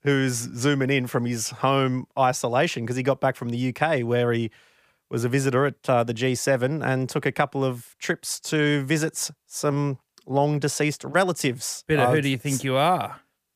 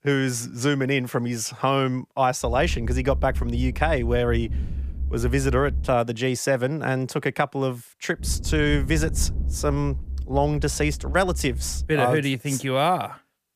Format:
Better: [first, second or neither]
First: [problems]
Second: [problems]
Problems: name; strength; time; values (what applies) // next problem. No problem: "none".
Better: first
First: none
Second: low rumble; faint; from 2.5 to 6 s and from 8 to 12 s; 20 dB below the speech